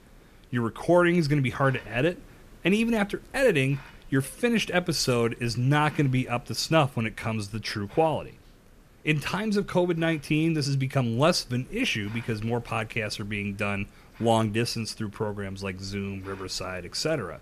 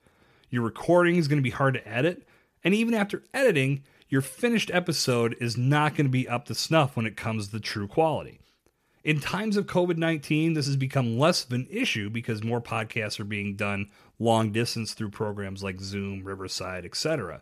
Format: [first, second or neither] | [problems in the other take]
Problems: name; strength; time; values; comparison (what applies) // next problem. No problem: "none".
second | hiss; faint; throughout; 25 dB below the speech